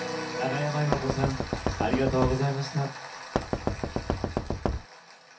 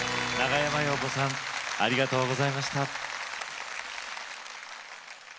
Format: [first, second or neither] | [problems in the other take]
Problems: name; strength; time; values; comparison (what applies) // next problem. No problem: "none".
second | background sound (Knock); as loud as the speech // room echo; dies away in 0.3 s